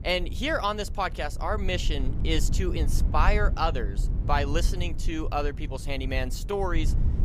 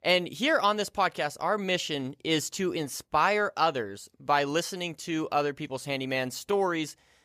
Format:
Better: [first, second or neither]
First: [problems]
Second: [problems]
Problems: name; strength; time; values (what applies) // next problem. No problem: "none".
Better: second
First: low rumble; noticeable; throughout; 15 dB below the speech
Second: none